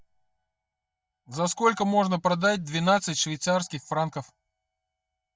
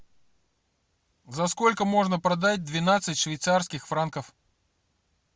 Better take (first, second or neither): second